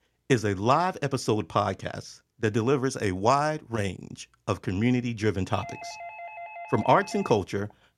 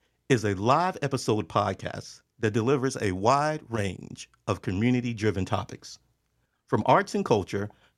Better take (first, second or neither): second